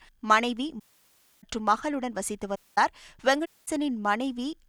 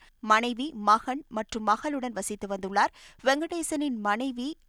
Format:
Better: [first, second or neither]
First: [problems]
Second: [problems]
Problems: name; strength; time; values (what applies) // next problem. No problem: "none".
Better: second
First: audio cutting out; at 1 s for 0.5 s, at 2.5 s and at 3.5 s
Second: none